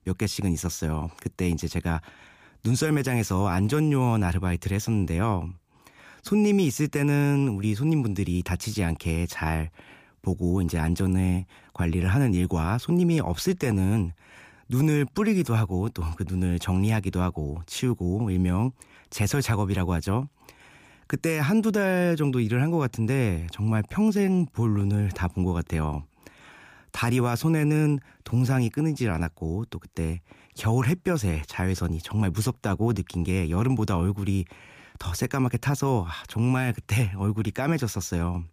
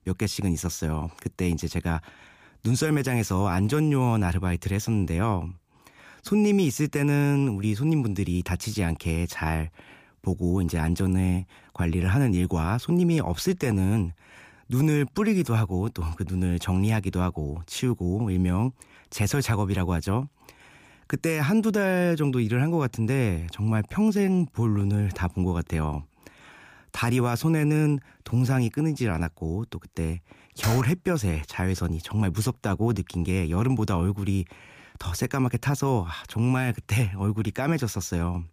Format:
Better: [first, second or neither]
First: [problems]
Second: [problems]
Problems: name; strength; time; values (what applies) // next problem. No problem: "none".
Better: first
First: none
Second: keyboard typing; noticeable; at 31 s; peak 7 dB below the speech